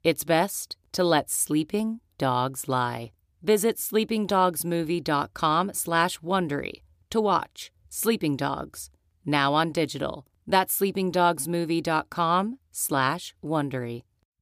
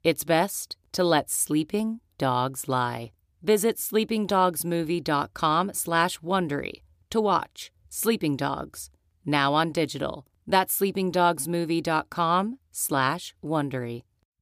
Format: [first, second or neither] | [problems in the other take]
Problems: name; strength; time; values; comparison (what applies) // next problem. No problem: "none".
neither | none